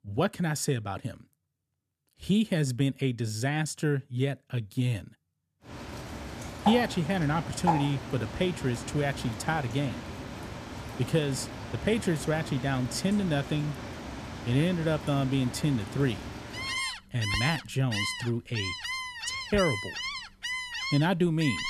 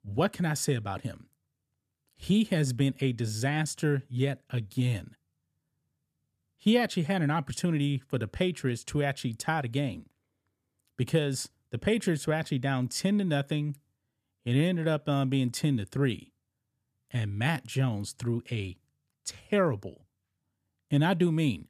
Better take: second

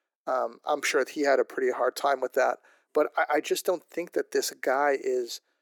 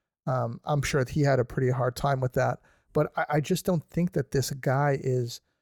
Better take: second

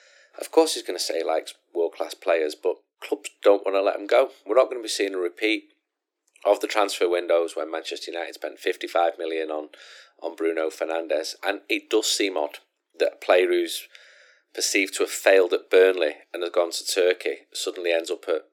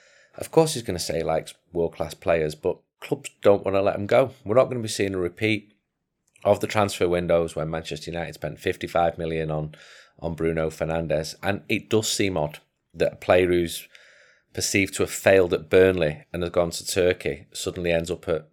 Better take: second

